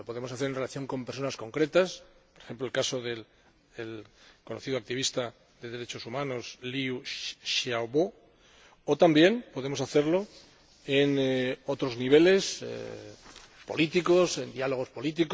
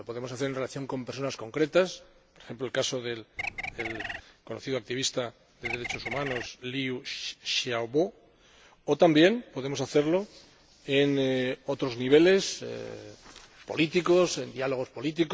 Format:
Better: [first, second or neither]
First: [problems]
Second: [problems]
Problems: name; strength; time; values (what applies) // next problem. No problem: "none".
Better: first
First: none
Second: background sound (Bird); 7 dB below the speech